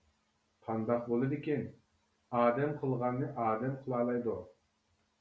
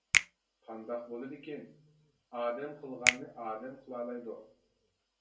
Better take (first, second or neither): first